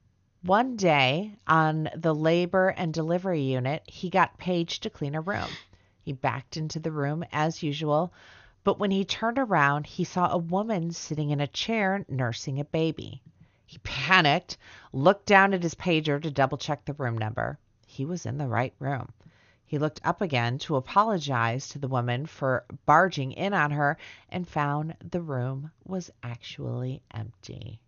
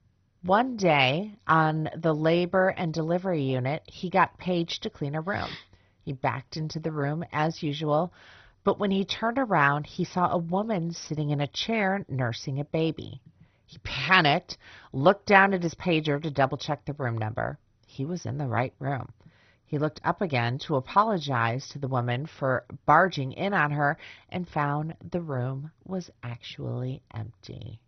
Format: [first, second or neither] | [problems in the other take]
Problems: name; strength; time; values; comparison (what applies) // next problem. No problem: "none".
first | garbled, watery; badly; nothing above 6 kHz; slightly in the first